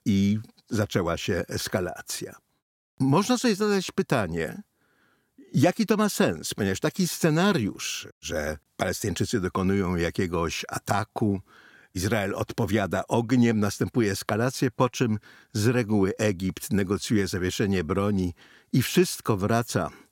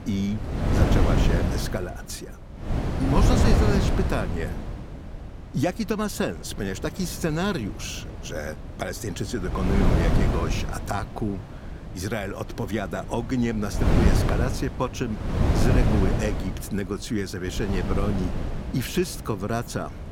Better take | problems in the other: first | wind noise on the microphone; heavy; 1 dB below the speech

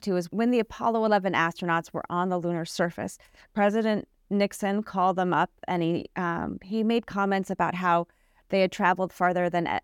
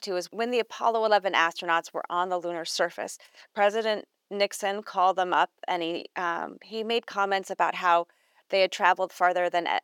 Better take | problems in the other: first | thin; very; fading below 500 Hz

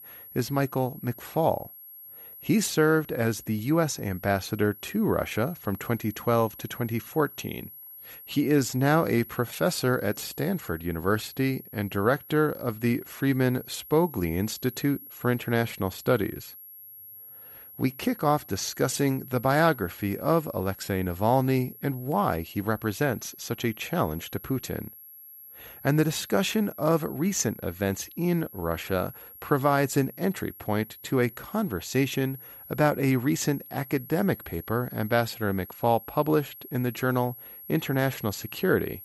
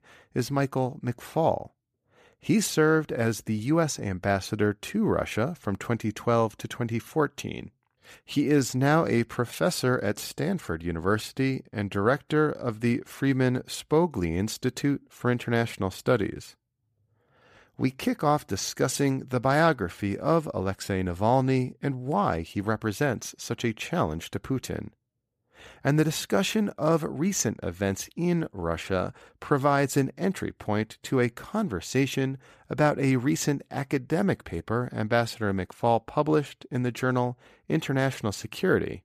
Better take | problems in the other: second | high-pitched whine; noticeable; throughout; 11.5 kHz, 15 dB below the speech

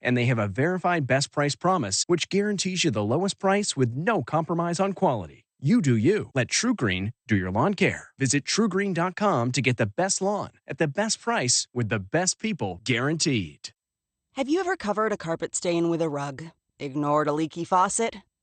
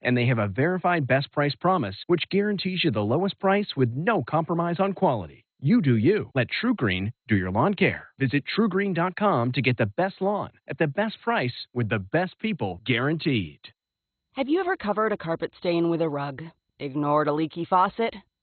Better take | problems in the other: first | garbled, watery; badly; nothing above 4 kHz; slightly in the first

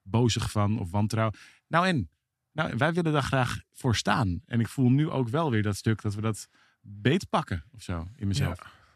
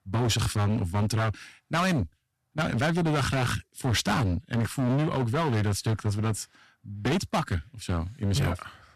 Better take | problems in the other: first | distortion; heavy; 18% of the sound clipped

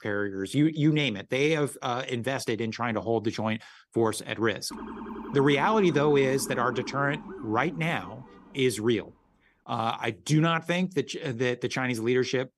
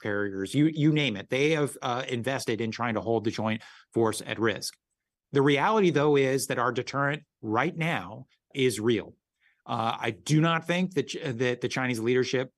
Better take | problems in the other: second | siren; faint; from 4.5 to 8.5 s; peak 10 dB below the speech

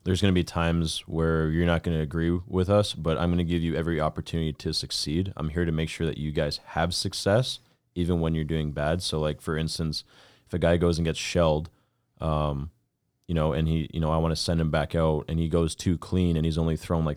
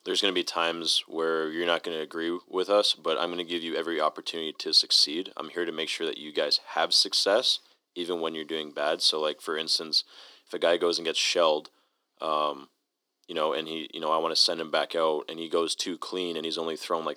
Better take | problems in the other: first | thin; very; fading below 300 Hz

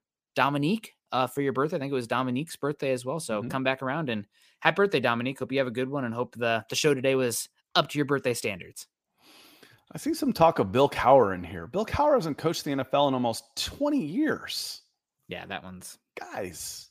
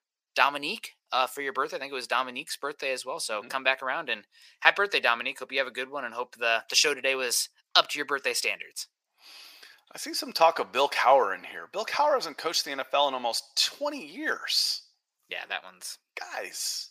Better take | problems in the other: first | thin; very; fading below 650 Hz

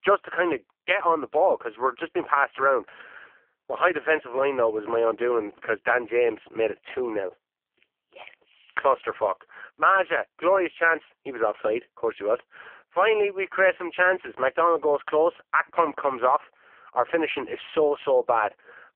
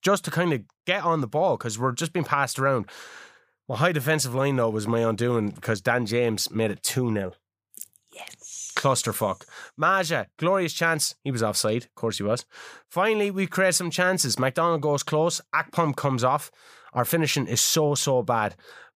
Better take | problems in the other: second | phone-call audio; poor line

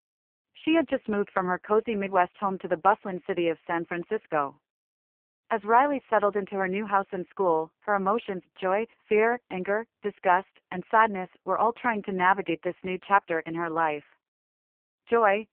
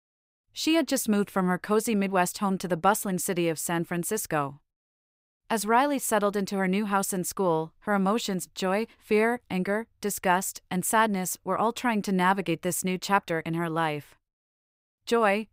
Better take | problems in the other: second | phone-call audio; poor line

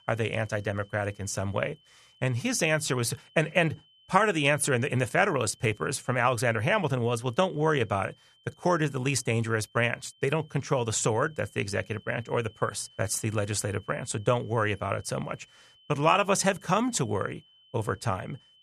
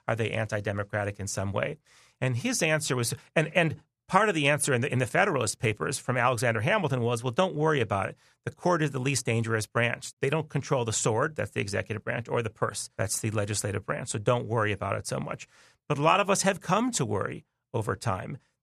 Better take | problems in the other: second | high-pitched whine; faint; throughout; 3 kHz, 30 dB below the speech

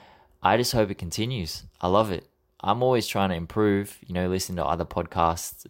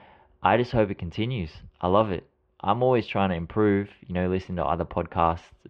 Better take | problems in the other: first | muffled; very; fading above 3 kHz

